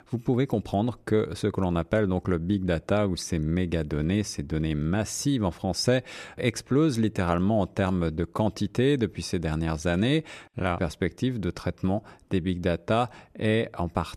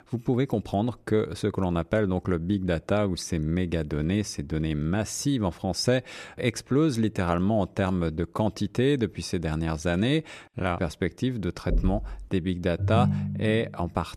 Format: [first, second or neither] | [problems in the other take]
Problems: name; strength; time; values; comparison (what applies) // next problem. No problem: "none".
first | door banging; noticeable; at 12 s; peak 3 dB below the speech // phone ringing; loud; at 13 s; peak 2 dB above the speech